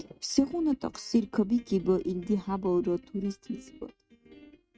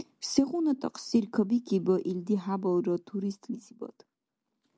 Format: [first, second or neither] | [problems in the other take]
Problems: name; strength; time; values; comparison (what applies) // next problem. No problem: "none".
second | noise reduction (neural mask model RNNoise)